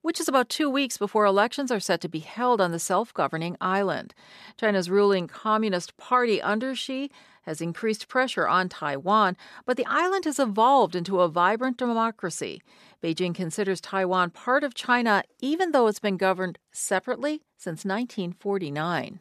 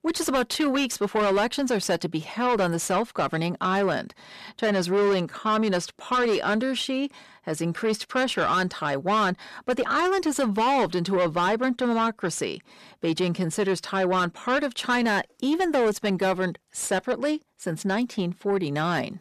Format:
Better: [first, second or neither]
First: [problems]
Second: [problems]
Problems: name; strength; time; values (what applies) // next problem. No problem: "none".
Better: first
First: none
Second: distortion; heavy; 8 dB below the speech